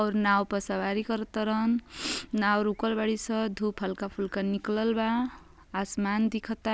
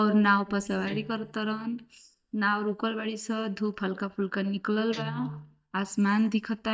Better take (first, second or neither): first